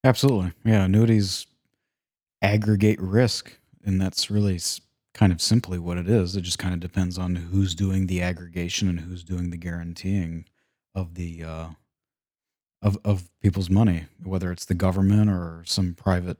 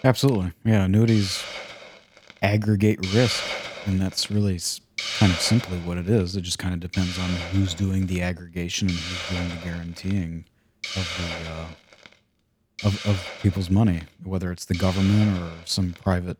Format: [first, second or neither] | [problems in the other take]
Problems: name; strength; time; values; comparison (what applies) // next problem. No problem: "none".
first | hiss; loud; throughout; 8 dB below the speech